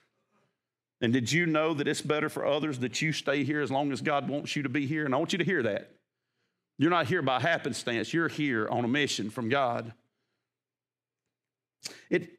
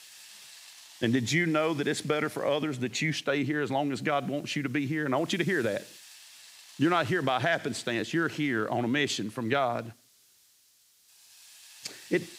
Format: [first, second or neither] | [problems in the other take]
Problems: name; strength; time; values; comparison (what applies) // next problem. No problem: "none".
first | hiss; faint; throughout; 25 dB below the speech